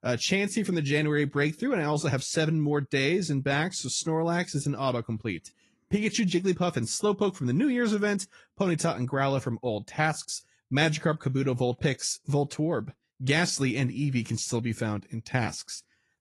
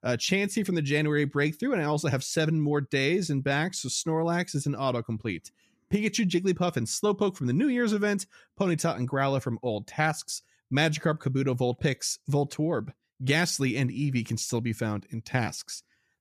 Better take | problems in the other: second | garbled, watery; slightly

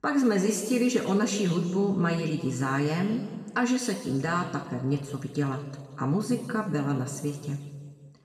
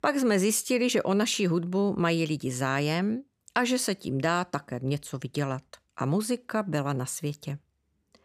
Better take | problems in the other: second | room echo; noticeable; dies away in 1.5 s // off-mic speech; far

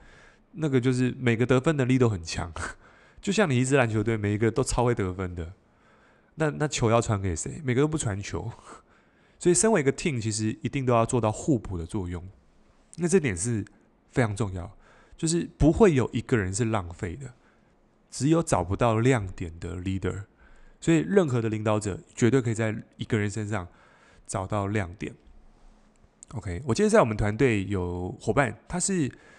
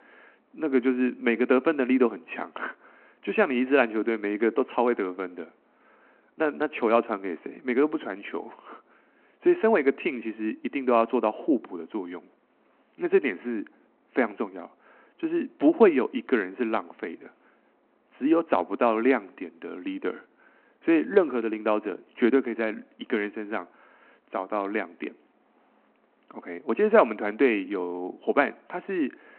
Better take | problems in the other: first | phone-call audio

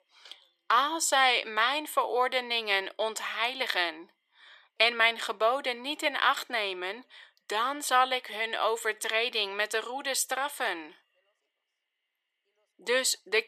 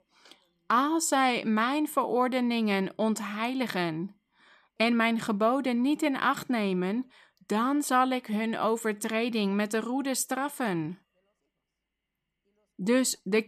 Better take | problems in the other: second | thin; very; fading below 450 Hz

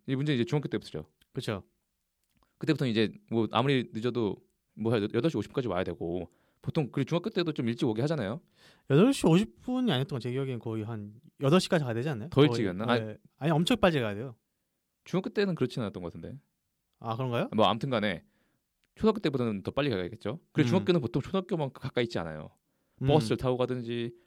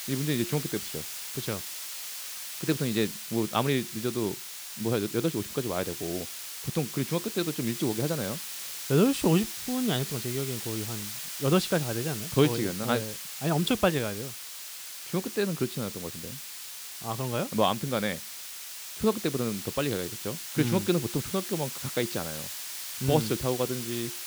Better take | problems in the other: first | hiss; loud; throughout; 6 dB below the speech

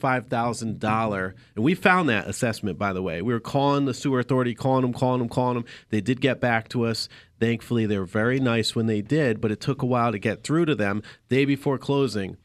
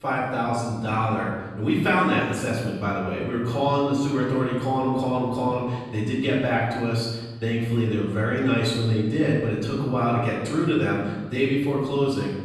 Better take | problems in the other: first | off-mic speech; far // room echo; noticeable; dies away in 1.2 s

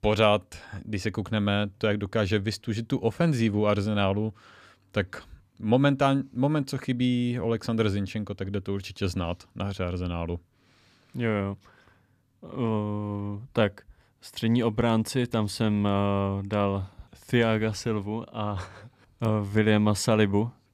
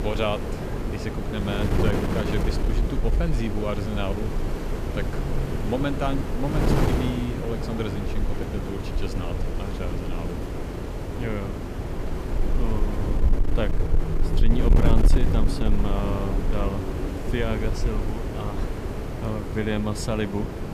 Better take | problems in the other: first | wind noise on the microphone; heavy; 1 dB below the speech

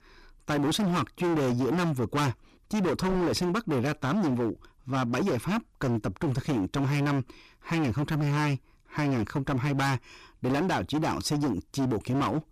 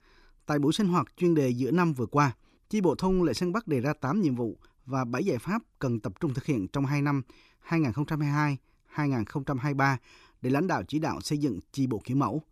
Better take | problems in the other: second | distortion; heavy; 27% of the sound clipped

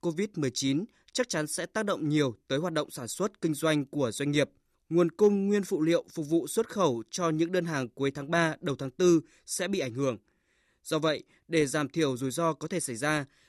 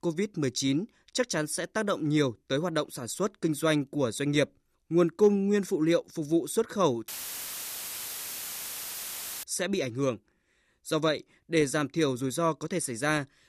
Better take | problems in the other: first | audio cutting out; filled with static; at 7 s for 2.5 s

